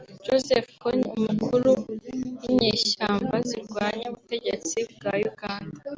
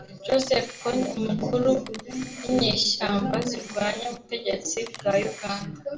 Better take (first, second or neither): first